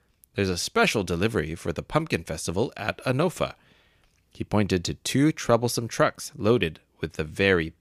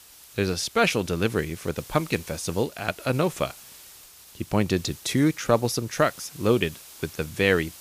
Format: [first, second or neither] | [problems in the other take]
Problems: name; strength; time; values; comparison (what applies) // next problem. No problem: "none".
first | hiss; noticeable; throughout; 20 dB below the speech